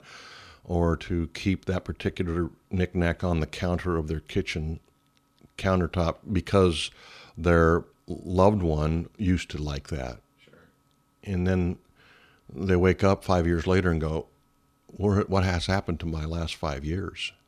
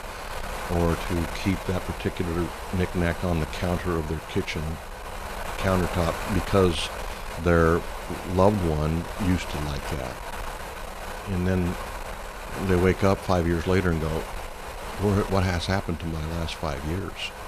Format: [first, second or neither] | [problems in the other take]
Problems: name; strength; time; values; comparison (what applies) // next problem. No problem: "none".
first | wind noise on the microphone; heavy; 6 dB below the speech